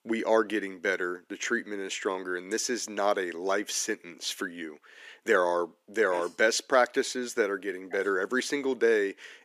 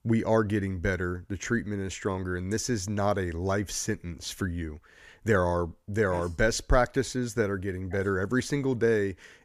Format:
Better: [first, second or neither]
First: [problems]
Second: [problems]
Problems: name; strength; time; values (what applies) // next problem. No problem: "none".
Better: second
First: thin; somewhat; fading below 300 Hz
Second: none